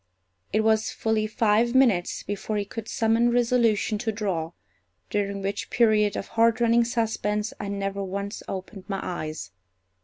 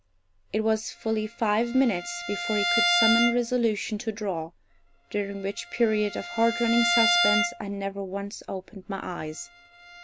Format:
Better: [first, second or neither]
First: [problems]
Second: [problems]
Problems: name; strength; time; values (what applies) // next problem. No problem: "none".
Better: first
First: none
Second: background sound (Bowed string instrument); 3 dB below the speech